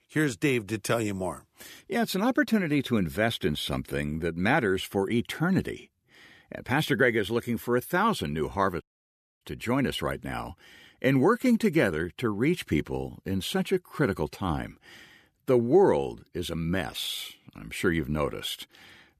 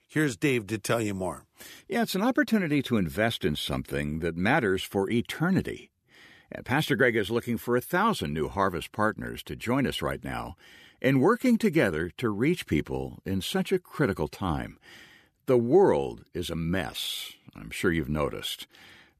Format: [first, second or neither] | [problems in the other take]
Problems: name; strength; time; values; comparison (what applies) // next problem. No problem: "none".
second | audio cutting out; at 9 s for 0.5 s